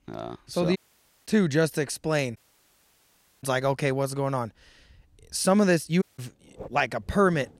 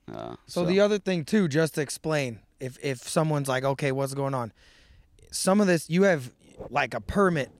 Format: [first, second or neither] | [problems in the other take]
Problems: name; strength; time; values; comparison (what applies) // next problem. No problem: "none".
second | audio cutting out; at 1 s for 0.5 s, at 2.5 s for 1 s and at 6 s